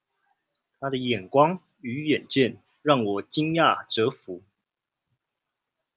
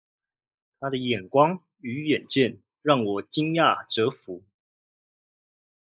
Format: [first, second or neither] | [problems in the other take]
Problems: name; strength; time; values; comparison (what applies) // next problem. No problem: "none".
first | noise reduction (neural mask model Resemble Enhance denoiser)